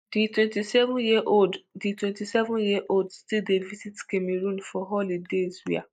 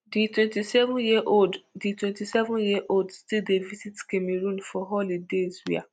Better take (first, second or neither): second